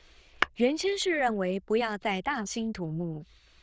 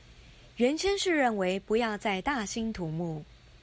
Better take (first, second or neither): second